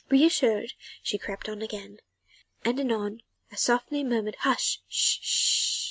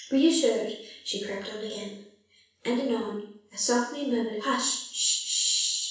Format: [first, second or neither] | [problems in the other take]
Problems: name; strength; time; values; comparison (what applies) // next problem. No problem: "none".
first | room echo; dies away in 0.7 s